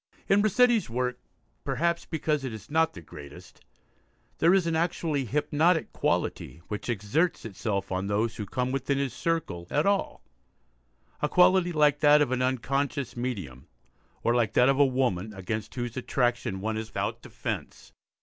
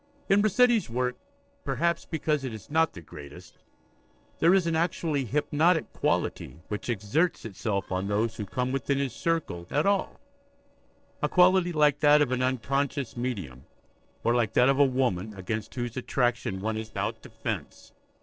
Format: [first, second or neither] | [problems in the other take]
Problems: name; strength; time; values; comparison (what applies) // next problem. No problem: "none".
first | noise reduction (neural separator model SepFormer DNS4)